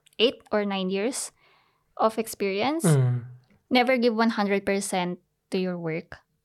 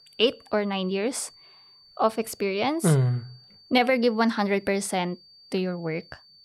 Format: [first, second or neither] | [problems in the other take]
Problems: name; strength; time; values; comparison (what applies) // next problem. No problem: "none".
first | high-pitched whine; faint; throughout; 4.5 kHz, 25 dB below the speech